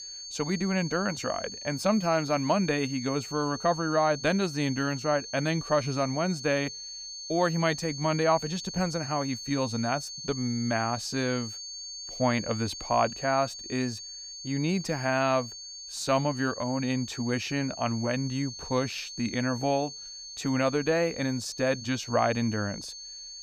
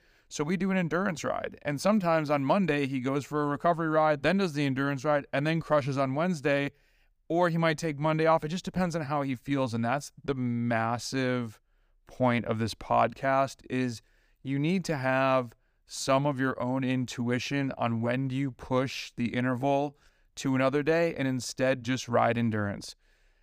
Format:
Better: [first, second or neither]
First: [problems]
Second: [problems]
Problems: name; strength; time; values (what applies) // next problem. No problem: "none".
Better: second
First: high-pitched whine; loud; throughout; 4.5 kHz, 9 dB below the speech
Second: none